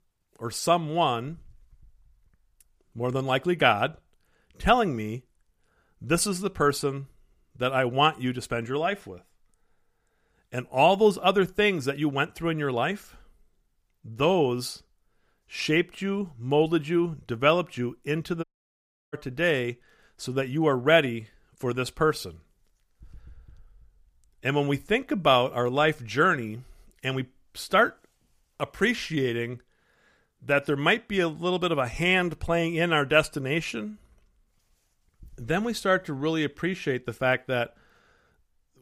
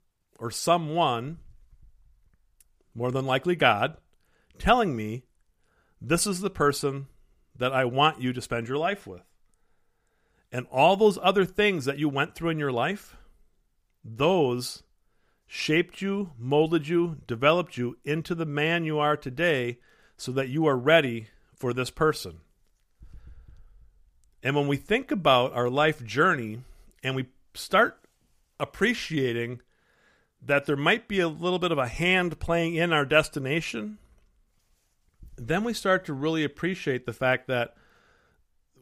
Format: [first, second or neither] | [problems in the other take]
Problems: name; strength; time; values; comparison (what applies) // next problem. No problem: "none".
second | audio cutting out; at 18 s for 0.5 s